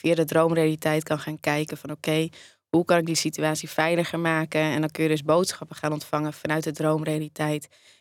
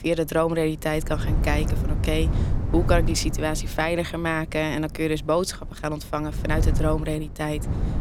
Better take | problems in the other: first | wind noise on the microphone; occasional gusts; 15 dB below the speech

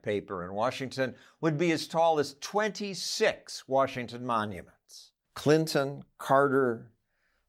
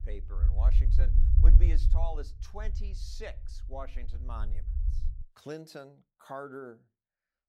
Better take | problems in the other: first | low rumble; loud; until 5 s; 5 dB below the speech

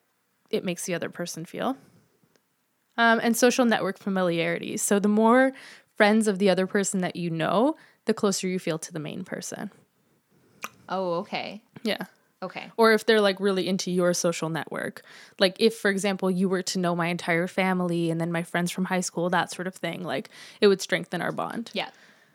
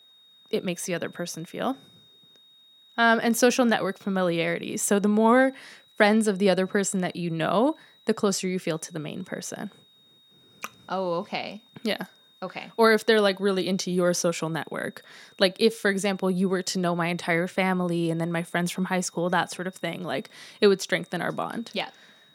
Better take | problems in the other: first | high-pitched whine; faint; throughout; 3.5 kHz, 30 dB below the speech

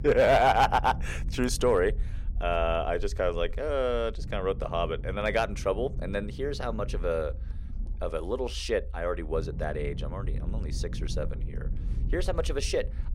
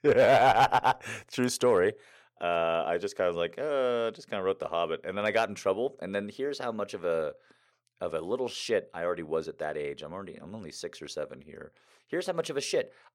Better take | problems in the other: second | low rumble; faint; throughout; 25 dB below the speech

